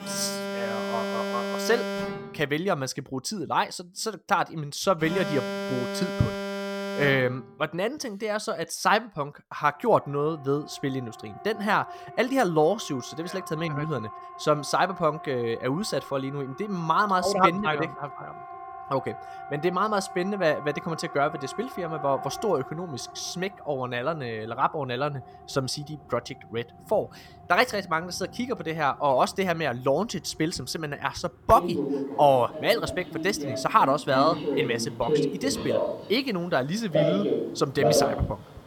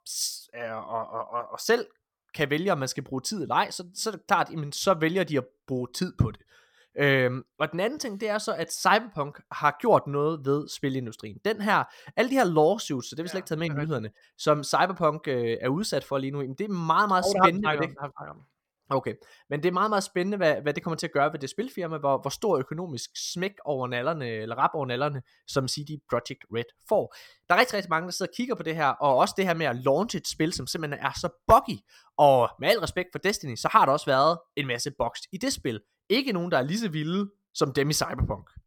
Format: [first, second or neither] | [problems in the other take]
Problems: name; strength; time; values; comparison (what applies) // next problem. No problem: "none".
second | alarms or sirens; loud; throughout; 6 dB below the speech